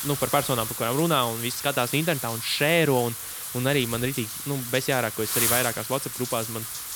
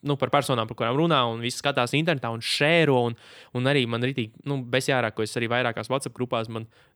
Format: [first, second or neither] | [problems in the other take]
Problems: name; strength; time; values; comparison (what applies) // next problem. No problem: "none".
second | wind noise on the microphone; heavy; 7 dB below the speech